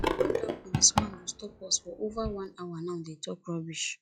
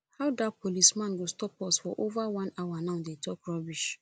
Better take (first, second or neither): second